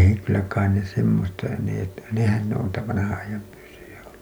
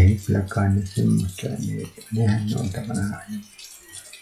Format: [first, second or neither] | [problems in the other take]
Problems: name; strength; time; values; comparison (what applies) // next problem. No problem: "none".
first | noise reduction (classical method log-MMSE)